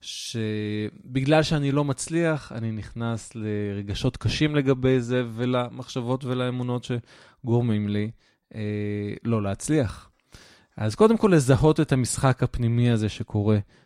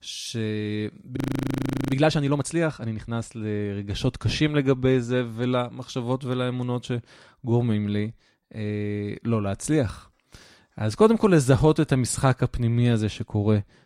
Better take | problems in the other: first | audio freezing; at 1 s for 1 s

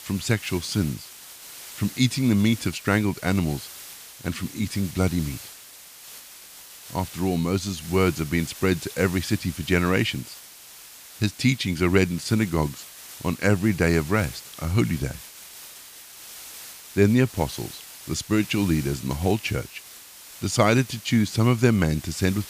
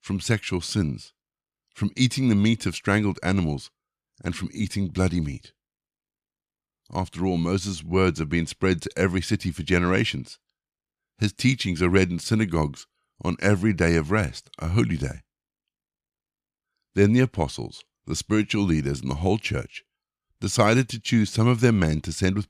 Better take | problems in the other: second | hiss; noticeable; throughout; 15 dB below the speech

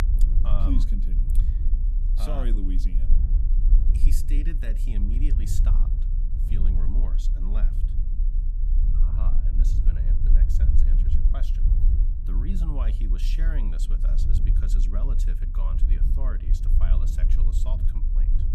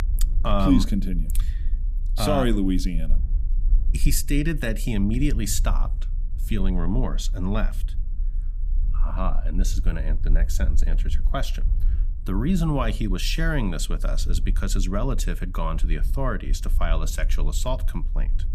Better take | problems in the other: second | low rumble; loud; throughout; 3 dB below the speech; faint in the second

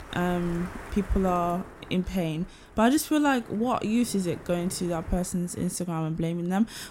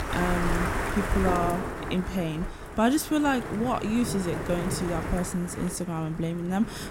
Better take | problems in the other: first | wind noise on the microphone; heavy; 3 dB below the speech; occasional gusts in the first

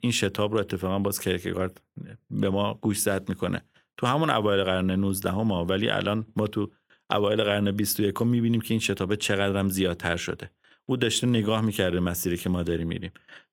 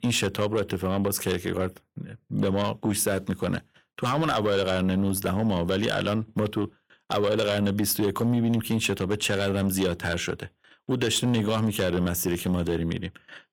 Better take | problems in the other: first | distortion; slight; 10 dB below the speech

